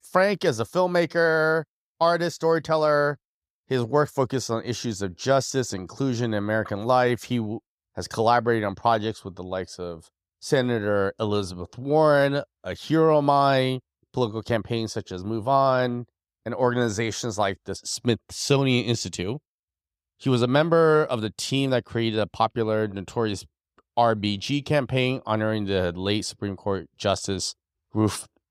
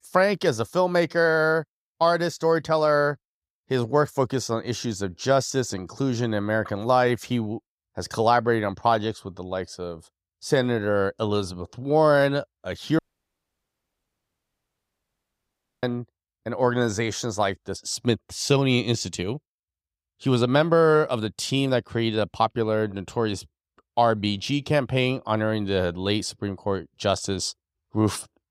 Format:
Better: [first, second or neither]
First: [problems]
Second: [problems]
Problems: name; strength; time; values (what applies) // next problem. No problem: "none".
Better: first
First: none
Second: audio cutting out; at 13 s for 3 s